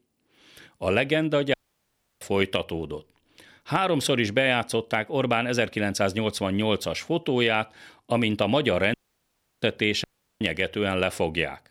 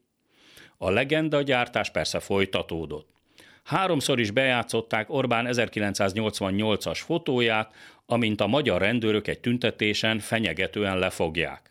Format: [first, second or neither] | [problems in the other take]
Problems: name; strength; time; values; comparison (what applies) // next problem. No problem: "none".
second | audio cutting out; at 1.5 s for 0.5 s, at 9 s for 0.5 s and at 10 s